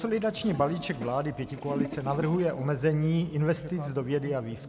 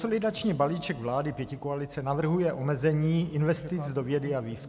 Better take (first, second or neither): second